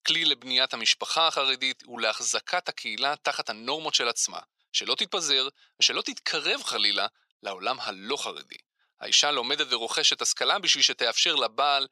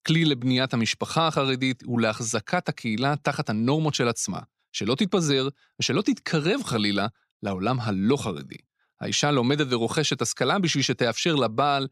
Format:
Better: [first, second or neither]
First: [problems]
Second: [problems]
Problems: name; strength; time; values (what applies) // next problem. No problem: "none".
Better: second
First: thin; very; fading below 650 Hz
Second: none